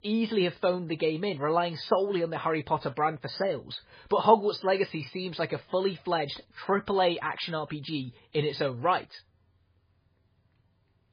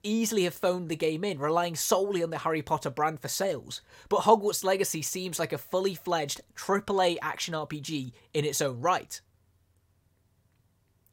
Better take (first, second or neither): second